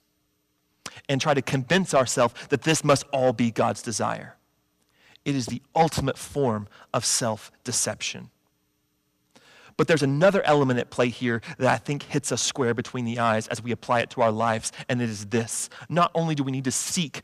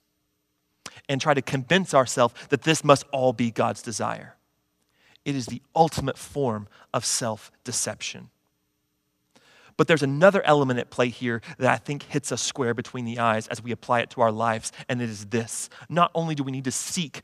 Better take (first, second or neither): second